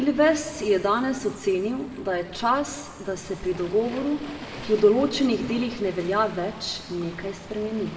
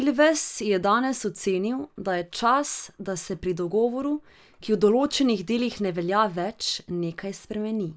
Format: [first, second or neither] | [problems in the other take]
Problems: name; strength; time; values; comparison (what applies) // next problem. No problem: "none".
second | background sound (Waves, surf); 16 dB below the speech // room echo; dies away in 1.2 s